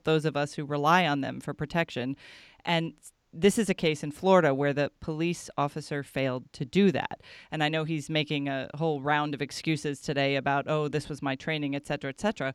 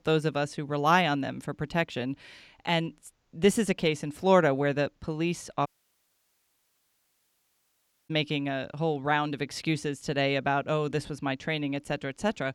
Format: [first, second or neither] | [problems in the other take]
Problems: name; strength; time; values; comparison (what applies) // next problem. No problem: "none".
first | audio cutting out; at 5.5 s for 2.5 s